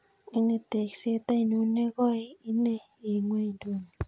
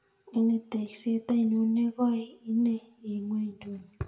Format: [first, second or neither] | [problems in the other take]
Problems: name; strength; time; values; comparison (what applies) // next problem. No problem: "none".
first | room echo; dies away in 0.6 s